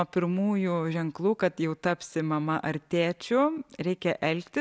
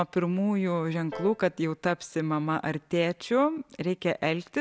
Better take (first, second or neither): first